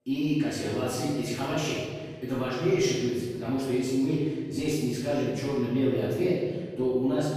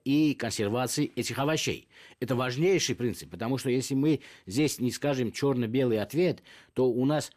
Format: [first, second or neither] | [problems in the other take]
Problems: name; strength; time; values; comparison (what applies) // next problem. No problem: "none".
second | room echo; strong; dies away in 1.5 s // off-mic speech; far